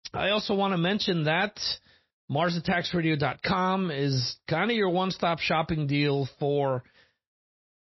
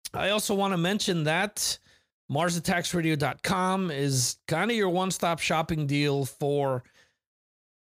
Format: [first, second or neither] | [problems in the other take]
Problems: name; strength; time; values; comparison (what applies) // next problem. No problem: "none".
second | garbled, watery; slightly; nothing above 5.5 kHz